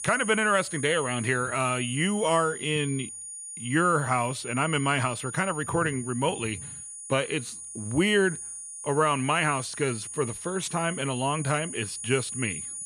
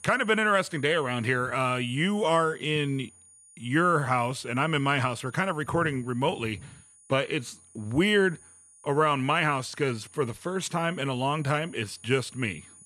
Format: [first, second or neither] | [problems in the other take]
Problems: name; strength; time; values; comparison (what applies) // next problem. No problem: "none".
second | high-pitched whine; loud; throughout; 9.5 kHz, 9 dB below the speech; faint in the second